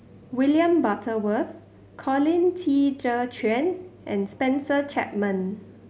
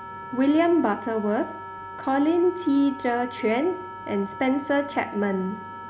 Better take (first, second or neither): first